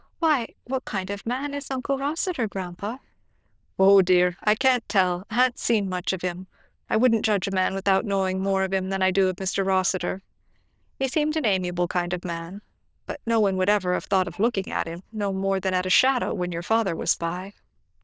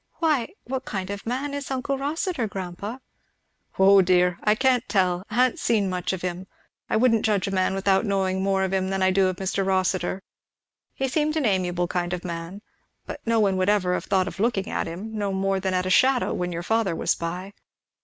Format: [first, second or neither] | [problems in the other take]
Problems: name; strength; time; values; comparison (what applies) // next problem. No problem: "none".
second | noise reduction (neural diffusion model UNIVERSE++)